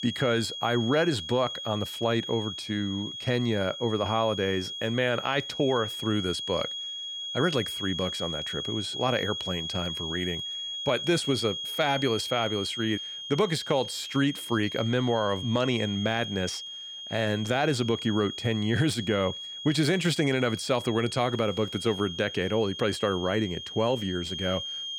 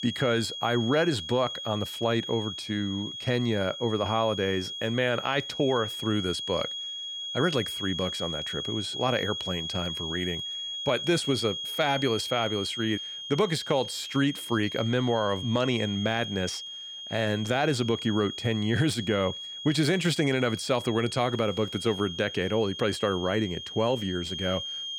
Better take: neither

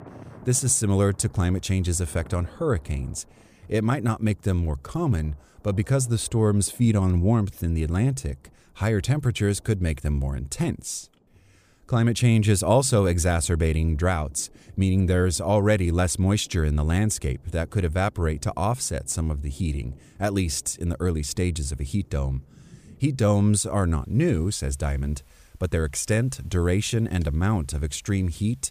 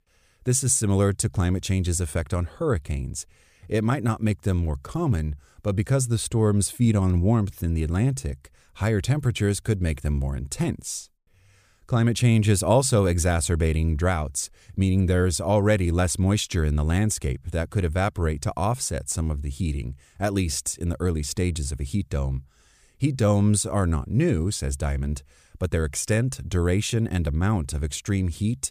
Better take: second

